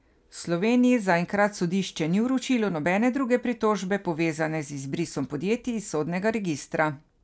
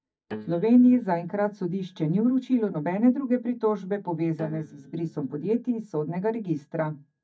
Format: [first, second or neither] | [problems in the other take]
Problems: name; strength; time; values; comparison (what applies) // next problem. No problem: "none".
first | noise reduction (neural mask model DeepFilterNet 3)